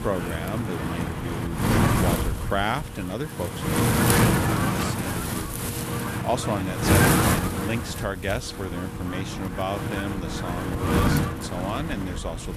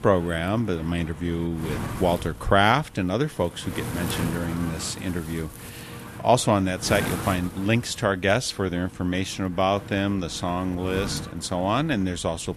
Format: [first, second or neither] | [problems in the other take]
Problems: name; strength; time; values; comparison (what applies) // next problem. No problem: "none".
second | wind noise on the microphone; heavy; 4 dB above the speech; occasional gusts in the second